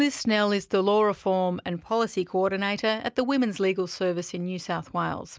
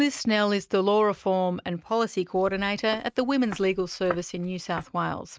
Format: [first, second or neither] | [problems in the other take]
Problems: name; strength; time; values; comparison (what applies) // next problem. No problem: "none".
first | noise reduction (neural mask model RNNoise)